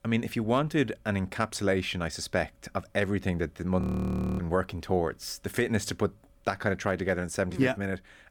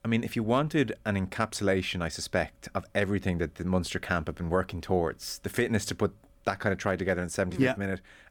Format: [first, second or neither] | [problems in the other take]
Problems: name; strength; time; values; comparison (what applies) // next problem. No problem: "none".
second | audio freezing; at 4 s for 0.5 s